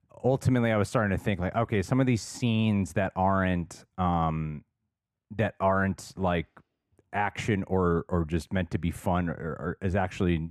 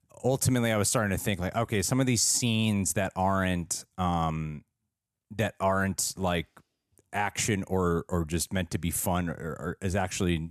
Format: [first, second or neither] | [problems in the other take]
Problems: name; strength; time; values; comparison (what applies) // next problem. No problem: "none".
second | muffled; very; fading above 4 kHz